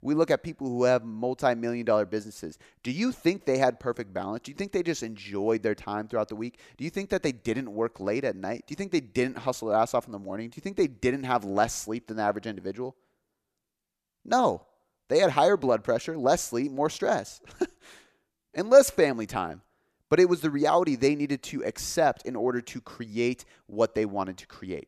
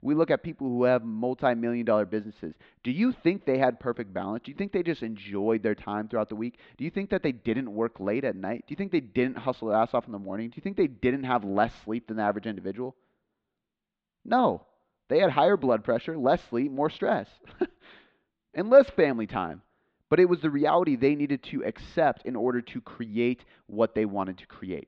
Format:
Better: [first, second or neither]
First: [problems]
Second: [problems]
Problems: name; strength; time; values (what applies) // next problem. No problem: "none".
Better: first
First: none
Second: muffled; slightly; fading above 3.5 kHz